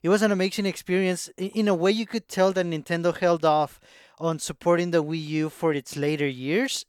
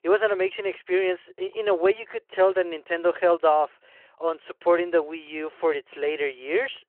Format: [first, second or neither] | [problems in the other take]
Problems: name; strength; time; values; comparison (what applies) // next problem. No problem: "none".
first | phone-call audio